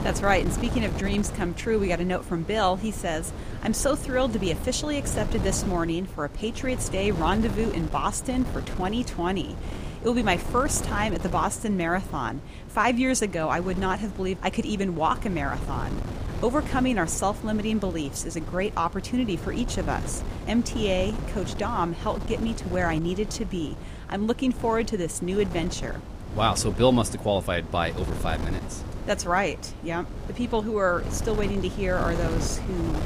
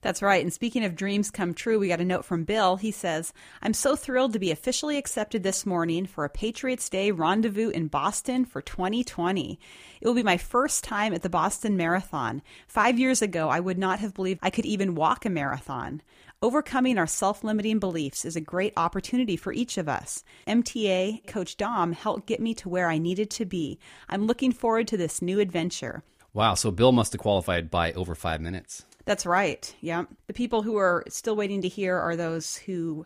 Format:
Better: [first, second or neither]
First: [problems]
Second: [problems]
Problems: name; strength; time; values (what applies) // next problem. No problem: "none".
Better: second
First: wind noise on the microphone; occasional gusts; 10 dB below the speech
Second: none